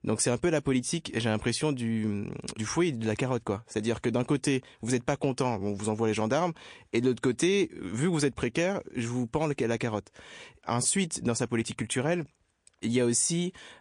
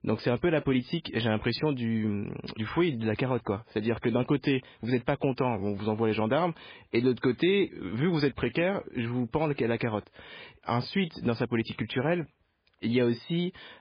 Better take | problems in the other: first | garbled, watery; badly; nothing above 5 kHz; slightly in the first

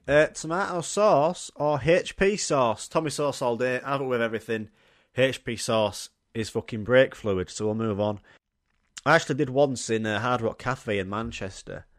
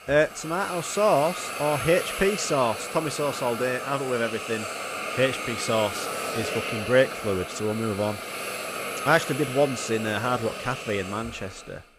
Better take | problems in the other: first | hiss; loud; throughout; 6 dB below the speech

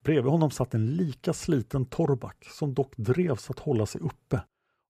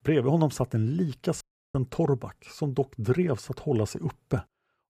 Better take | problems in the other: first | audio cutting out; at 1.5 s

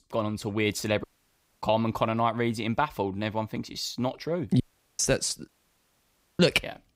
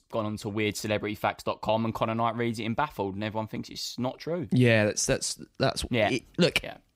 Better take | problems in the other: second | audio cutting out; at 1 s for 0.5 s, at 4.5 s and at 5.5 s for 1 s

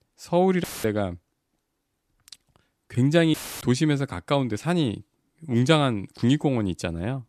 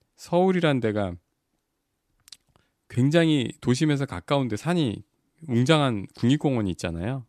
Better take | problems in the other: second | audio cutting out; filled with static; at 0.5 s and at 3.5 s

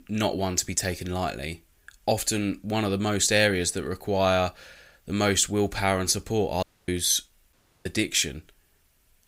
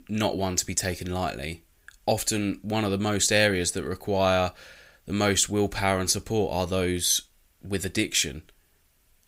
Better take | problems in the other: second | audio cutting out; at 6.5 s and at 7.5 s

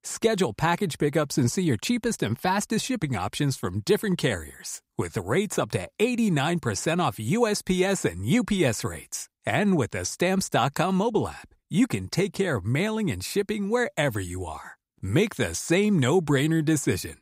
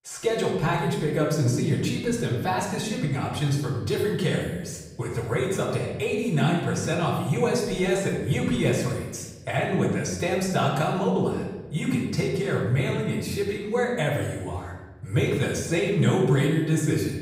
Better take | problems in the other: first | off-mic speech; far // room echo; noticeable; dies away in 1.1 s

